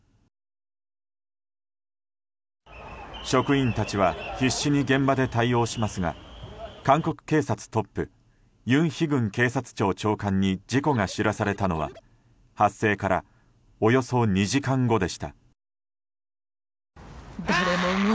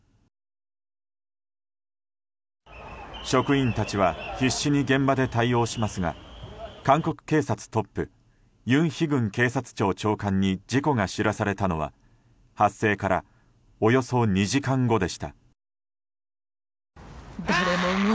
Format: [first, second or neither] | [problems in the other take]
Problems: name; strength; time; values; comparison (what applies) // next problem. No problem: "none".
second | background sound (Scratching (performance technique)); 17 dB below the speech